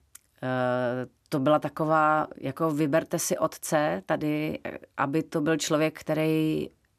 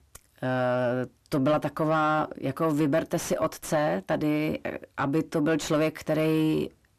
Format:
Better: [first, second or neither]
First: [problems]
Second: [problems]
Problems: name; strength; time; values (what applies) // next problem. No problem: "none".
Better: first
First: none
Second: distortion; slight; 10 dB below the speech